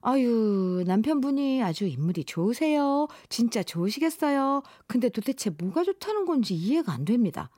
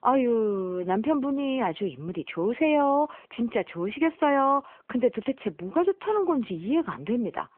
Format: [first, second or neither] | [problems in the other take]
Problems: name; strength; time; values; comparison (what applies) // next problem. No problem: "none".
first | phone-call audio